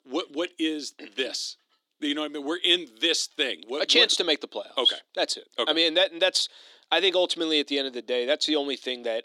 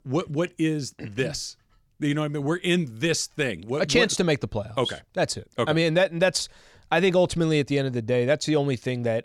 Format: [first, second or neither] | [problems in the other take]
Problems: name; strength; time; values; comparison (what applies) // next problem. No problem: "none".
second | thin; somewhat; fading below 300 Hz